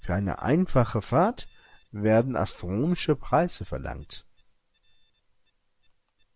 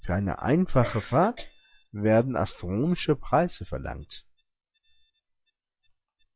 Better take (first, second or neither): first